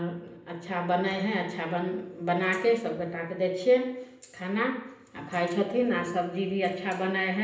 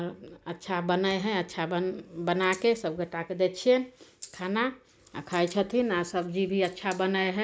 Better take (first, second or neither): second